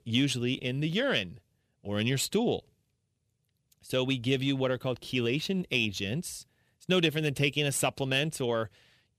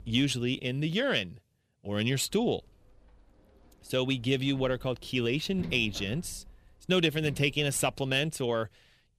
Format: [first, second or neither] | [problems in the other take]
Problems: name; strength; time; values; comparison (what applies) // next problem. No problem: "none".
first | household noises; noticeable; throughout; 20 dB below the speech